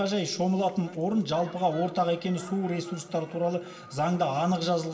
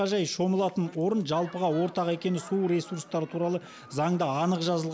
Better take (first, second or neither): second